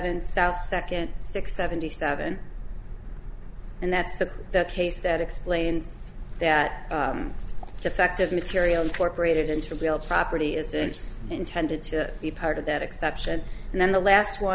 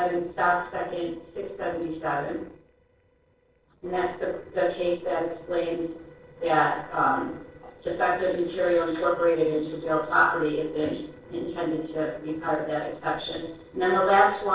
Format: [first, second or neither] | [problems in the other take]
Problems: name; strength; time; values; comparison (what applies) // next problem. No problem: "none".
first | noise reduction (neural separator model SepFormer DNS4)